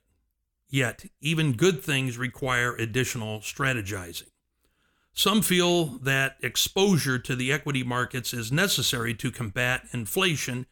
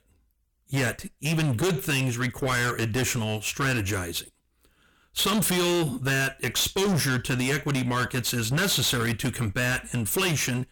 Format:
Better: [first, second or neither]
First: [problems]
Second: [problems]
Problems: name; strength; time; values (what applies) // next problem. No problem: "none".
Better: first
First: none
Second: distortion; heavy; 6 dB below the speech